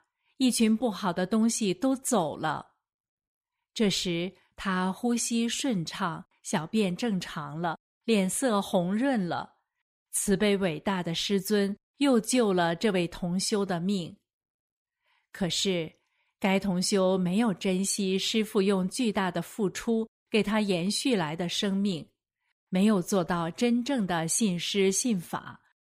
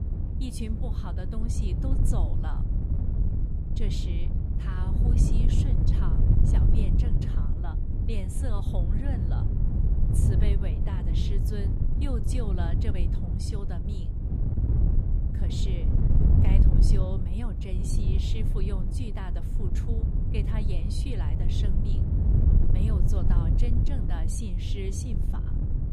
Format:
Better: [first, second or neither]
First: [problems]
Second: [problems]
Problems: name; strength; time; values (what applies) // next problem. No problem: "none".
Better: first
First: none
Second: wind noise on the microphone; heavy; 1 dB above the speech